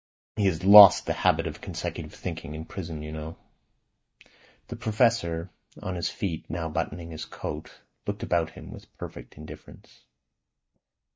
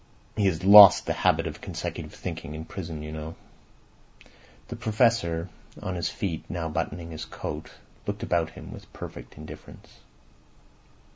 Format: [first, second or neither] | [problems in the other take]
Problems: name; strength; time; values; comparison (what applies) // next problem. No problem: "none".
second | noise reduction (neural mask model DeepFilterNet 3)